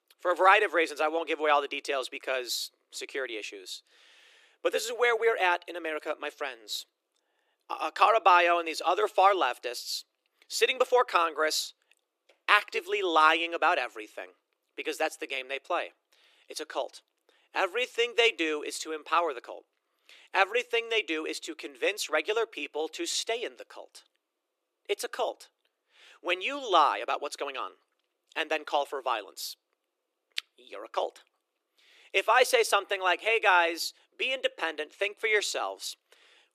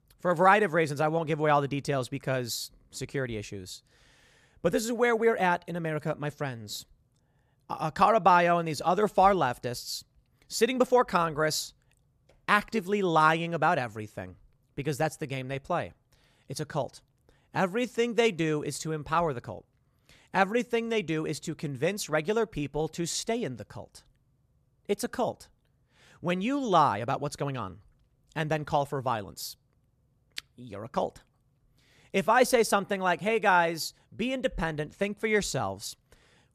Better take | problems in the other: second | thin; very; fading below 350 Hz

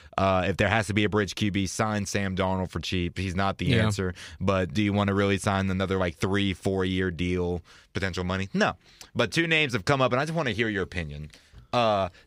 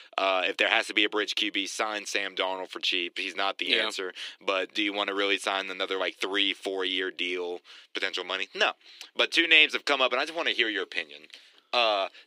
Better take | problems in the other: first | thin; very; fading below 300 Hz

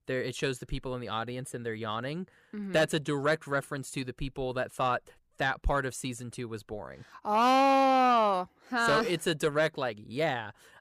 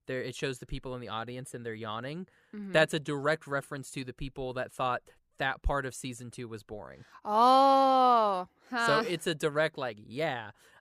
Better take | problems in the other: second | distortion; slight; 10 dB below the speech

